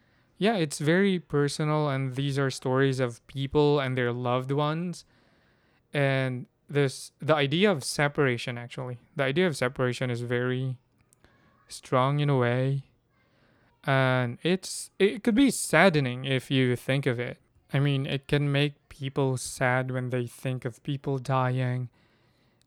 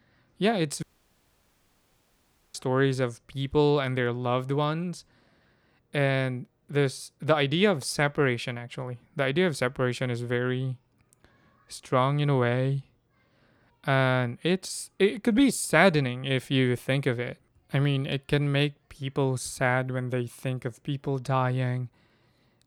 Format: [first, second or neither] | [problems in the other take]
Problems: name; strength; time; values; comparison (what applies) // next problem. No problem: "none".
first | audio cutting out; at 1 s for 1.5 s